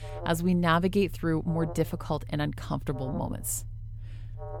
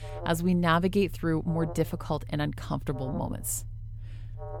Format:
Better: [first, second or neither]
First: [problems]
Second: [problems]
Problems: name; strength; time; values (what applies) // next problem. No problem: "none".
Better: neither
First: alarm; faint; peak 10 dB below the speech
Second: alarm; faint; peak 10 dB below the speech